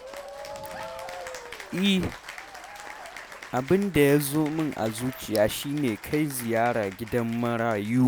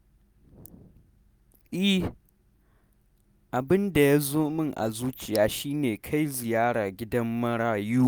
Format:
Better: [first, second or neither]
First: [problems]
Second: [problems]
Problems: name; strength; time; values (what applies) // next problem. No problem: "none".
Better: second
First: background sound (Applause / Cheering); 15 dB below the speech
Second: none